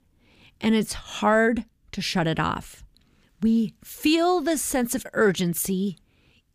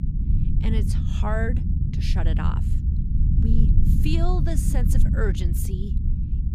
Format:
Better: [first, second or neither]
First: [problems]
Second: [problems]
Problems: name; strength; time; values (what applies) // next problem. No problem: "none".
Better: first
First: none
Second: low rumble; loud; throughout; 4 dB below the speech